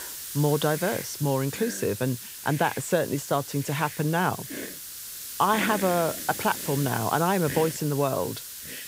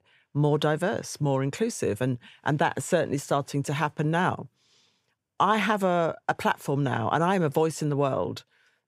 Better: second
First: hiss; loud; throughout; 8 dB below the speech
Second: none

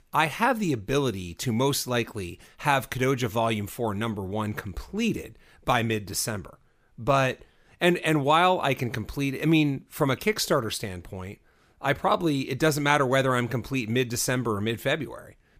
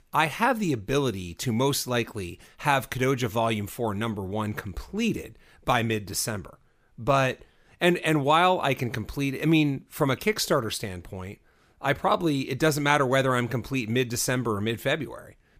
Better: neither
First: none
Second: none

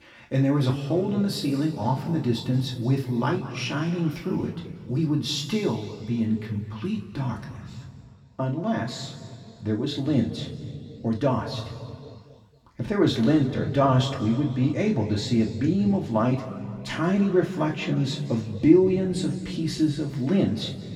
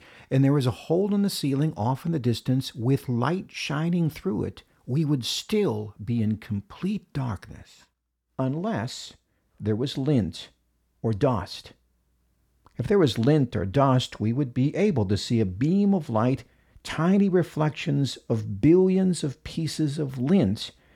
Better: second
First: room echo; slight; dies away in 2.2 s // off-mic speech; far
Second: none

